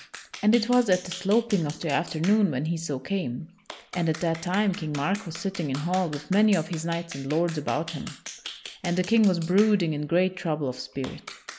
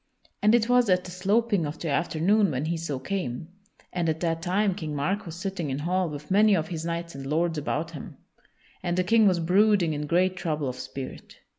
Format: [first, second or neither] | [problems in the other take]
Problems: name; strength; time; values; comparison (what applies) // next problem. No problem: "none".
second | background sound (Clapping); 17 dB below the speech